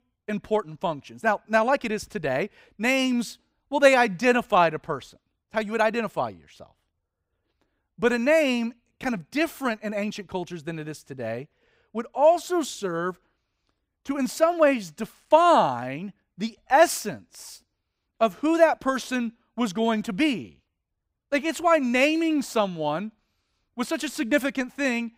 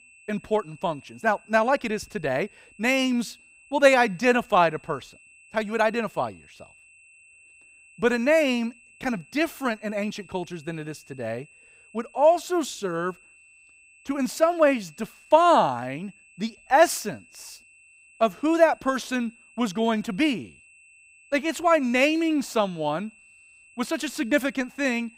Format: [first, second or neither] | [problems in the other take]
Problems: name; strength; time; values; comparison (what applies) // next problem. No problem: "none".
first | high-pitched whine; faint; throughout; 2.5 kHz, 25 dB below the speech